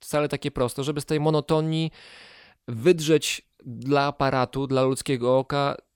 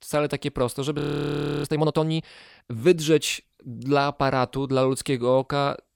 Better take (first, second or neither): first